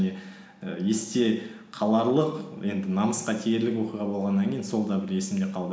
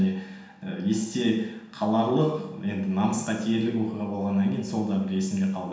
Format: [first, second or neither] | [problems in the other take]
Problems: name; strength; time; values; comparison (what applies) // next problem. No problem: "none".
first | room echo; dies away in 0.7 s